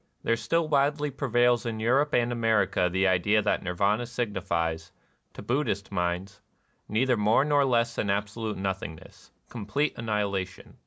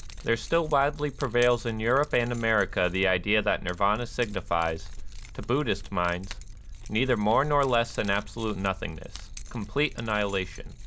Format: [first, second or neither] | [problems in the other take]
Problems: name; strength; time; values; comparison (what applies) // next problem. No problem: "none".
first | background sound (Keys jangling); 11 dB below the speech